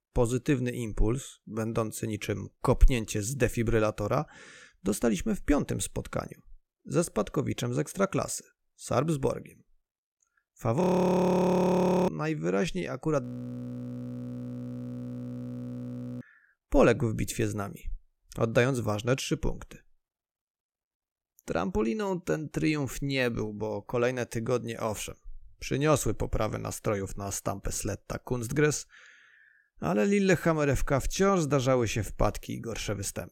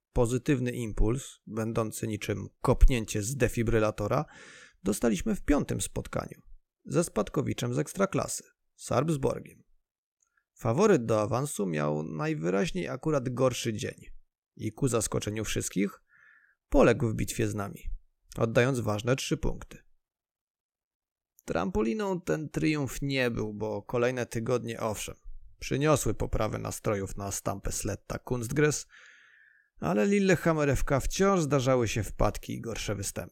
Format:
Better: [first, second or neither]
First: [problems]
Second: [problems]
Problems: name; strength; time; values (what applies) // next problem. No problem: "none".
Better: second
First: audio freezing; at 11 s for 1.5 s and at 13 s for 3 s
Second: none